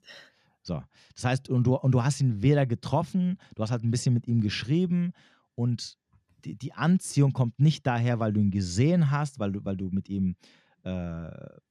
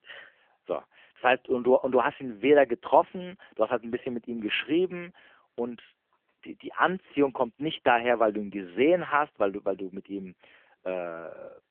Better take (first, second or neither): first